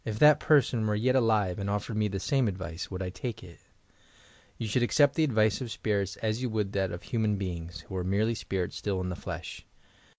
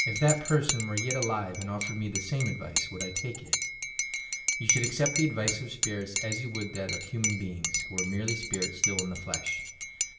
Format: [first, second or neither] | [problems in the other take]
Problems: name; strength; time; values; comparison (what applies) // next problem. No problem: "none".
first | background sound (Cutlery, silverware / Dishes, pots, and pans / Chink, clink); 1 dB below the speech // room echo; dies away in 0.8 s